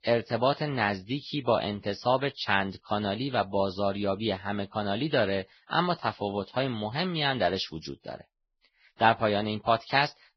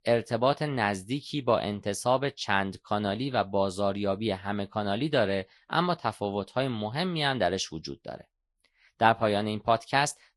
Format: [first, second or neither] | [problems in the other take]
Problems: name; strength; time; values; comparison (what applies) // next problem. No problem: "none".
second | garbled, watery; badly; nothing above 5 kHz; slightly in the second